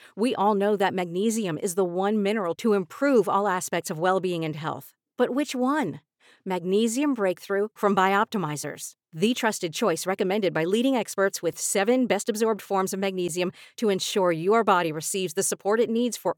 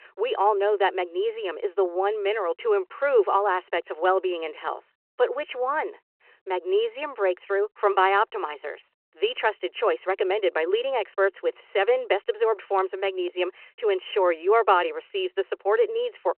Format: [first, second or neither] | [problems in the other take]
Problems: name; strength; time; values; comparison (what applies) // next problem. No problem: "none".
first | phone-call audio